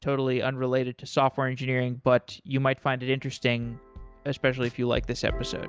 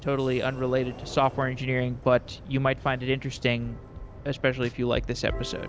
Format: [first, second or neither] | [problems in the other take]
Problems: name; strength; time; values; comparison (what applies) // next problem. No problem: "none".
first | background sound (Sliding door); 15 dB below the speech